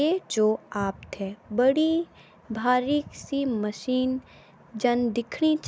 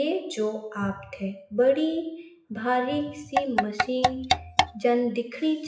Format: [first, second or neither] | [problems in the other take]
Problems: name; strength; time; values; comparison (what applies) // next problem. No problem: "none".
first | noise reduction (classical method WPE with log-MMSE)